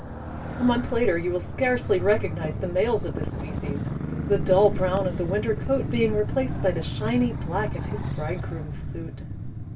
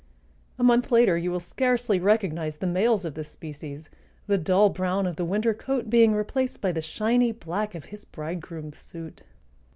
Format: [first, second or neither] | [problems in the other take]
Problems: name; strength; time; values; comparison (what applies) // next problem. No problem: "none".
second | background sound (Motorcycle); 5 dB below the speech // room echo; dies away in 0.1 s